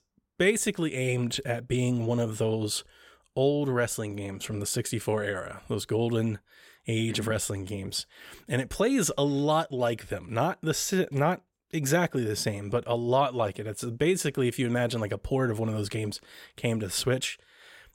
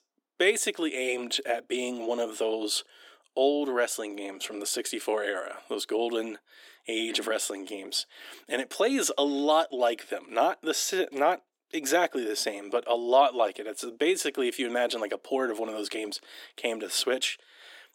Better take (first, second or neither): first